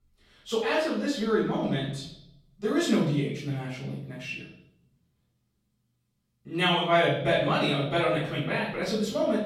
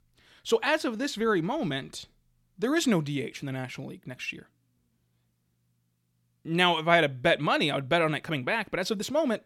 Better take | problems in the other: second | room echo; noticeable; dies away in 0.7 s // off-mic speech; far

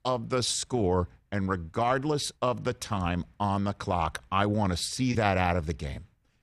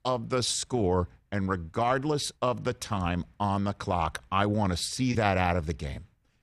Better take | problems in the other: neither | none

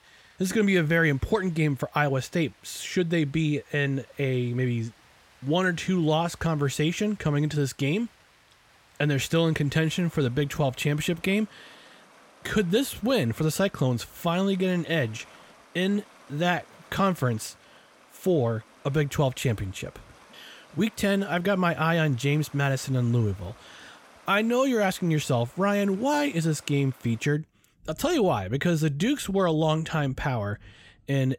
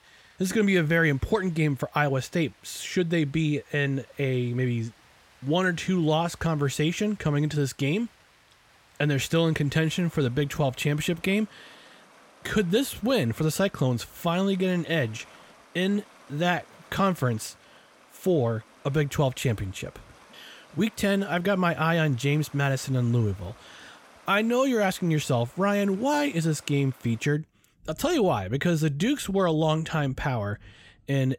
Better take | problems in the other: neither | rain or running water; faint; throughout; 30 dB below the speech; the same in both

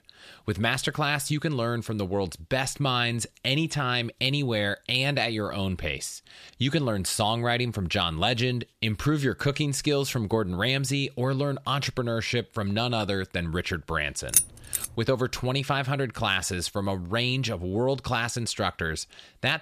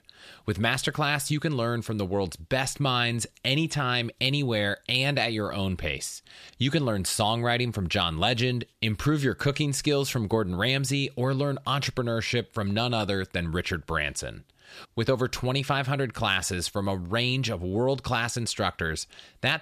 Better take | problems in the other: second | jangling keys; loud; at 14 s; peak 5 dB above the speech

